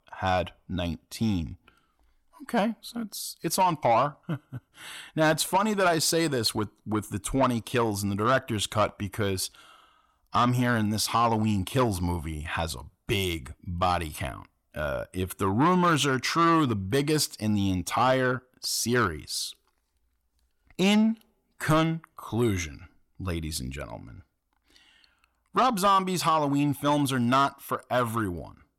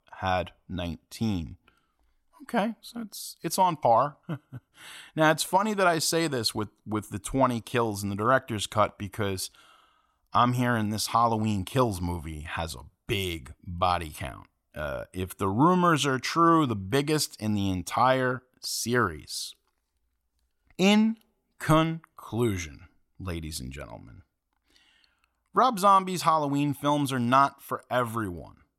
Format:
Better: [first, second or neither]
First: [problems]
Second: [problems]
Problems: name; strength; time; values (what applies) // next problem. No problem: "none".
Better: second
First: distortion; slight; 10 dB below the speech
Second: none